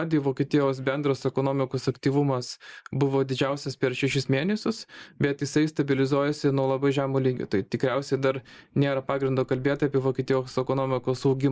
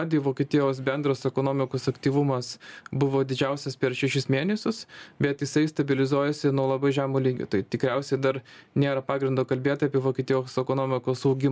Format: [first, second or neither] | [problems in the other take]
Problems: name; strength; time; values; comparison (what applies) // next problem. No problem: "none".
second | noise reduction (neural mask model Resemble Enhance denoiser)